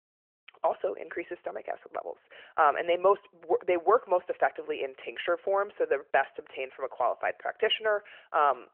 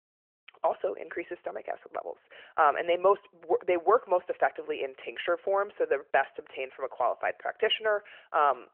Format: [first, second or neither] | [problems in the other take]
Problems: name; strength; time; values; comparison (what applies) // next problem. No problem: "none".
neither | phone-call audio; nothing above 3 kHz; the same in both